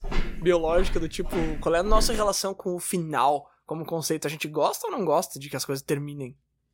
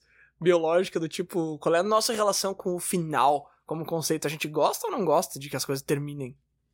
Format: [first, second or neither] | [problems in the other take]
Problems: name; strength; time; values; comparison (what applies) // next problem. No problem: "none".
second | footsteps; noticeable; until 2.5 s; peak 6 dB below the speech